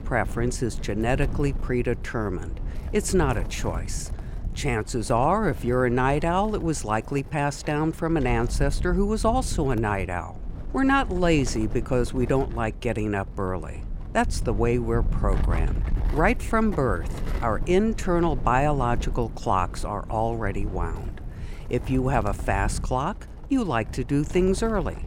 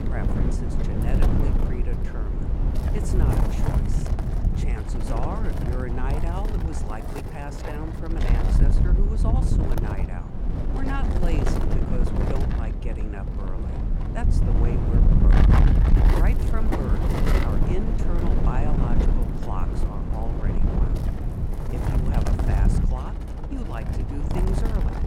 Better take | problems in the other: first | wind noise on the microphone; heavy; 3 dB above the speech; occasional gusts in the first

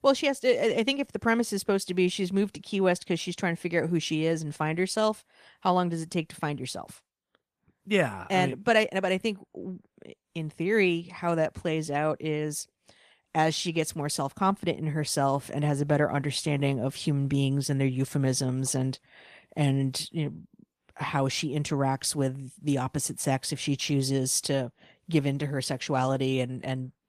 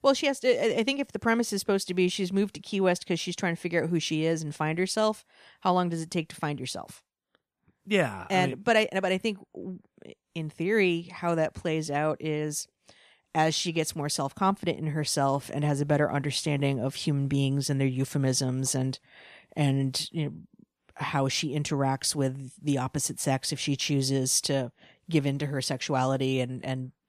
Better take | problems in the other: second | garbled, watery; slightly; nothing above 14.5 kHz

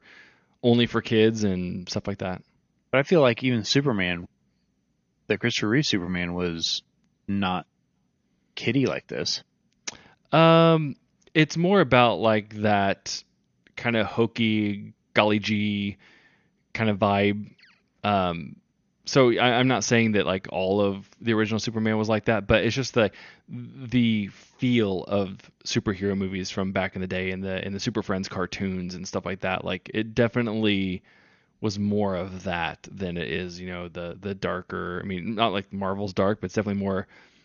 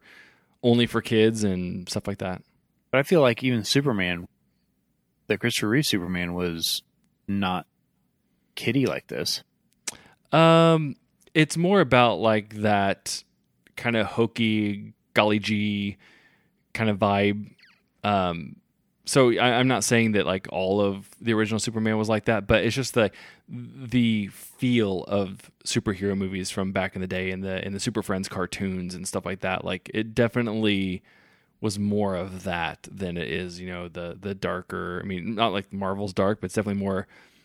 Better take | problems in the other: second | garbled, watery; slightly; nothing above 6.5 kHz

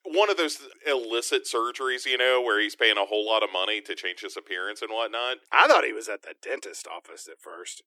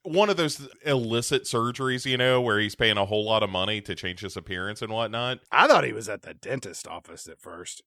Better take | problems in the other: second | thin; very; fading below 300 Hz

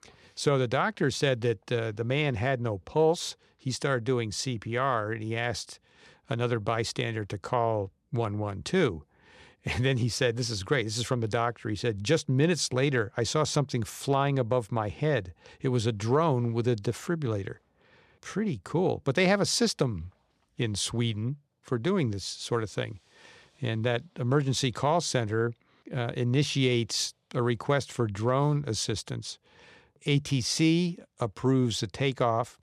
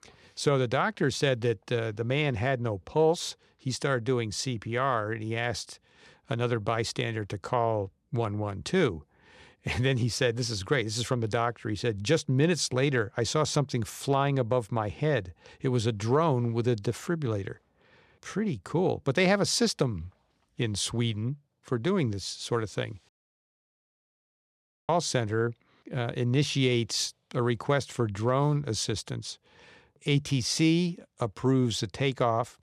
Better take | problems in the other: first | audio cutting out; at 23 s for 2 s

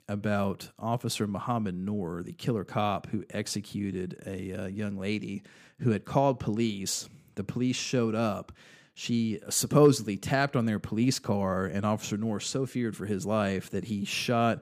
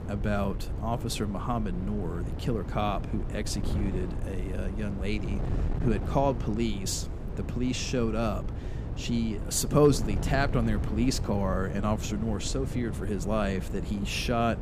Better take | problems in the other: first | wind noise on the microphone; occasional gusts; 10 dB below the speech

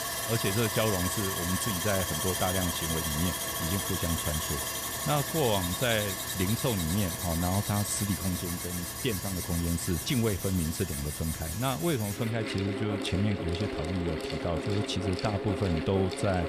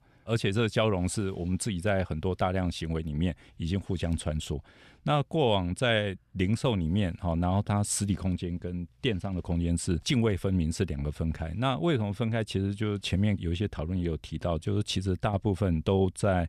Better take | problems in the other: second | machinery noise; loud; throughout; 1 dB below the speech

